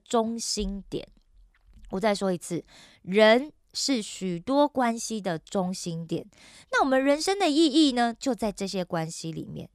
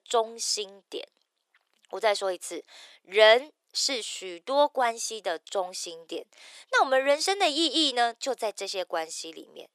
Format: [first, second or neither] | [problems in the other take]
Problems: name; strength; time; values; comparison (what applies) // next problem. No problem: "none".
first | thin; very; fading below 400 Hz